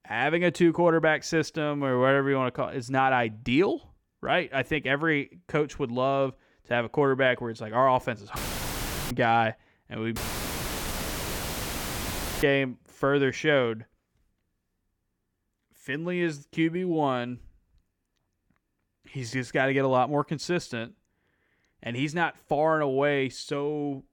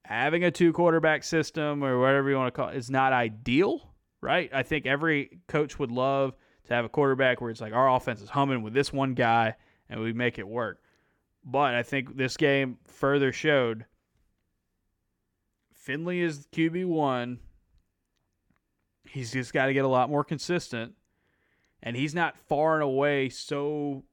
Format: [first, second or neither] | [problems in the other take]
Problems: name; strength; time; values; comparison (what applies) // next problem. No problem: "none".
second | audio cutting out; filled with static; at 8.5 s for 1 s and at 10 s for 2.5 s